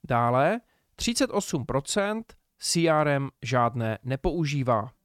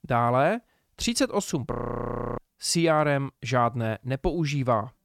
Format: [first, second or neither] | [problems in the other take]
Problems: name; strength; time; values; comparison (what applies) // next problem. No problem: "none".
first | audio freezing; at 1.5 s for 0.5 s